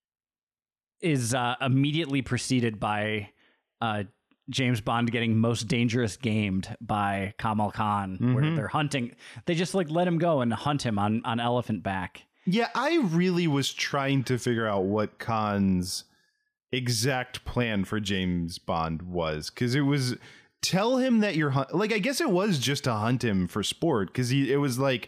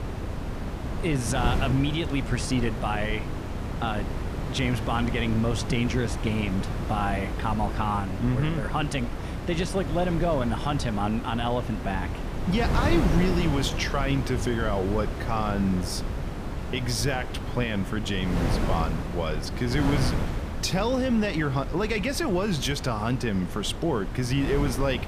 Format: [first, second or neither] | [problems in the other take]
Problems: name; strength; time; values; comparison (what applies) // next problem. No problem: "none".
first | wind noise on the microphone; heavy; 7 dB below the speech